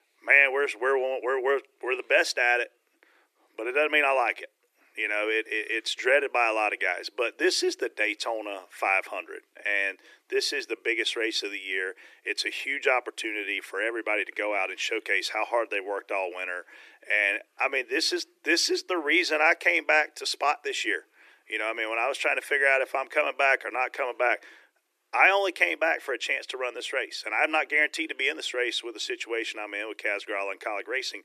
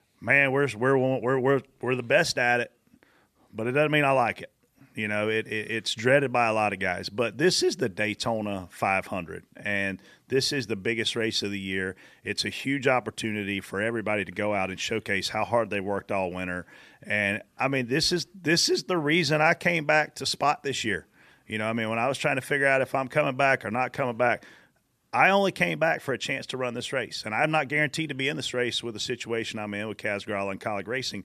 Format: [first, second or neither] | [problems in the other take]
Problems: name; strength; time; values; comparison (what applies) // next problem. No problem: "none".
second | thin; very; fading below 300 Hz